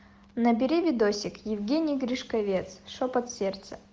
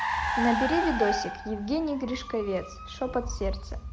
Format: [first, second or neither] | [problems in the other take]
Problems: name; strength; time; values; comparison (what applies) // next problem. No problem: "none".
first | background sound (Car); 2 dB below the speech